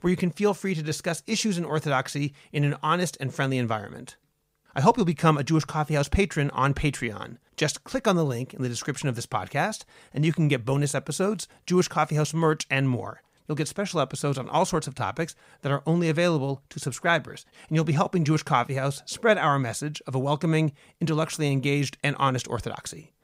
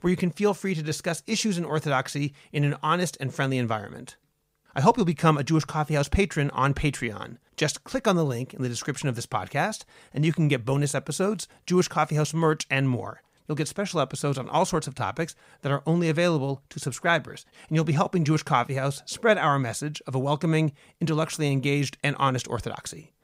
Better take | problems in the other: neither | none

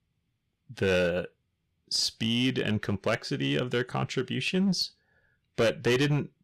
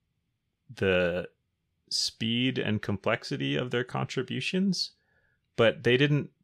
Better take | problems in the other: second | distortion; slight; 5% of the sound clipped

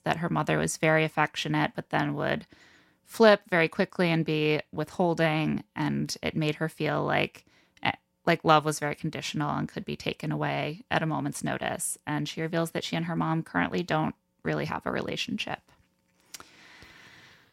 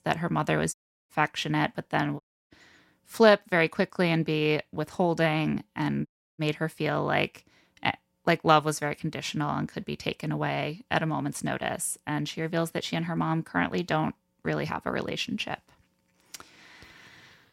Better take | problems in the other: first | audio cutting out; at 0.5 s, at 2 s and at 6 s

